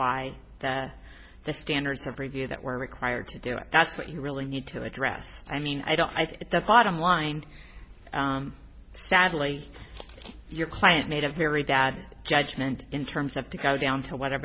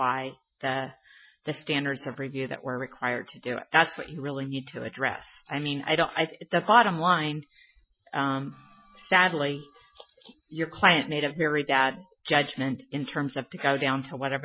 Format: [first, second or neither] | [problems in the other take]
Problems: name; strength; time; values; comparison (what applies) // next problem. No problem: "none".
first | noise reduction (classical method Wiener filter)